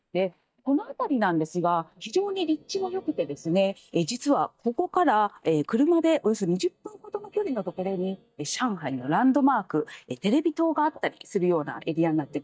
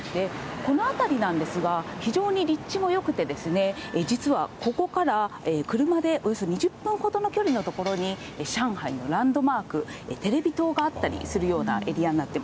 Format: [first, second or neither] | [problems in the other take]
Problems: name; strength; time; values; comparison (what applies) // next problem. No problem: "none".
second | noise reduction (neural mask model DeepFilterNet 3)